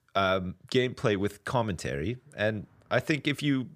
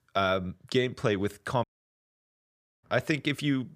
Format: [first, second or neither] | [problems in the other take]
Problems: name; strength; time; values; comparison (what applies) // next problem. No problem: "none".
first | audio cutting out; at 1.5 s for 1 s